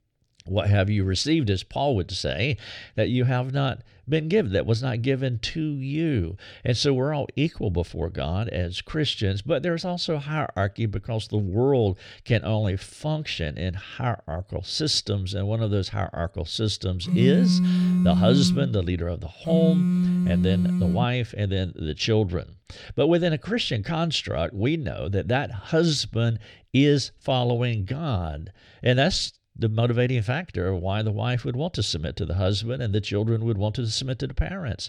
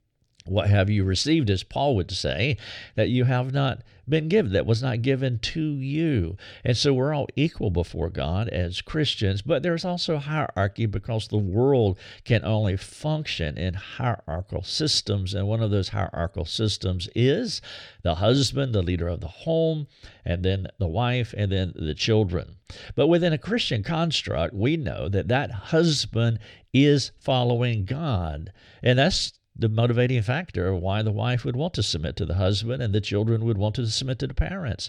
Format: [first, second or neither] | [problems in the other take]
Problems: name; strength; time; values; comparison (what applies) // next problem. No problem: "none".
second | phone ringing; loud; from 17 to 21 s; peak 6 dB above the speech